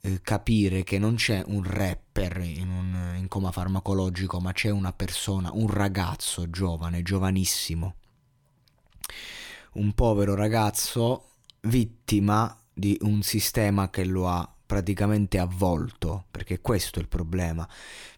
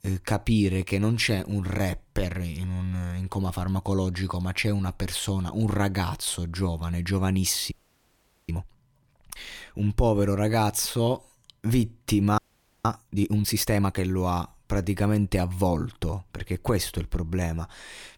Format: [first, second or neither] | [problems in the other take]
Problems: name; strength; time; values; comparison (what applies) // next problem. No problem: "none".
first | audio freezing; at 7.5 s for 1 s and at 12 s